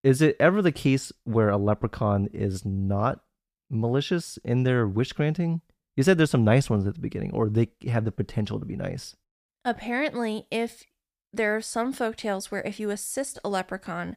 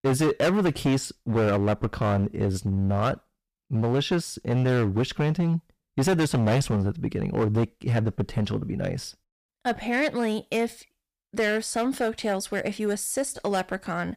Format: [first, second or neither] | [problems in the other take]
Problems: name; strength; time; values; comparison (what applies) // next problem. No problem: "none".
first | distortion; heavy; 10% of the sound clipped